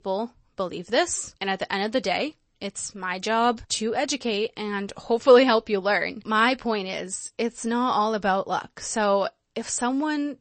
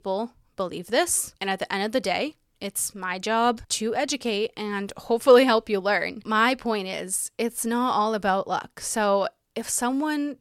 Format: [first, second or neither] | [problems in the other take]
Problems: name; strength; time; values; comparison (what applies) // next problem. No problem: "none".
second | garbled, watery; slightly; nothing above 8 kHz